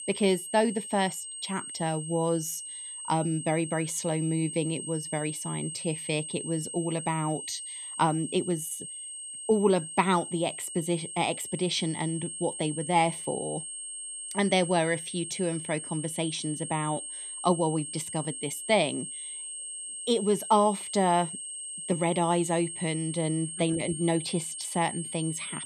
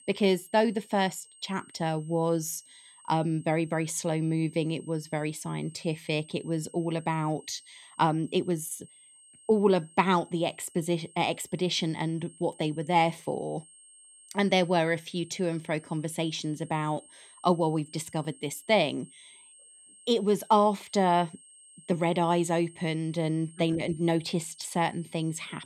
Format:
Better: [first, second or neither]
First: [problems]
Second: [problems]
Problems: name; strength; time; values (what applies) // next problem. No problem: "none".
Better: second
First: high-pitched whine; loud; throughout; 8.5 kHz, 7 dB below the speech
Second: high-pitched whine; faint; throughout; 8.5 kHz, 25 dB below the speech